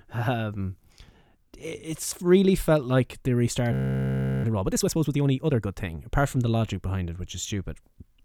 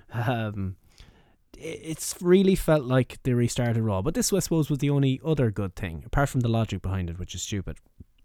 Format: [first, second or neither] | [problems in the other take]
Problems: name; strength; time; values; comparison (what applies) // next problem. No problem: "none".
second | audio freezing; at 3.5 s for 0.5 s